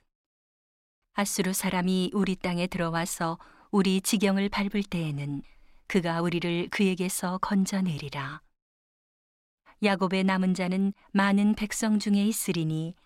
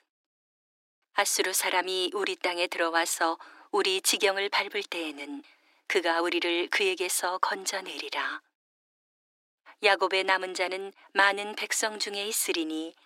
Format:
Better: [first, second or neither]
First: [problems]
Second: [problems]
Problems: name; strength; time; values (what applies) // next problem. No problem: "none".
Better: first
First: none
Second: thin; very; fading below 300 Hz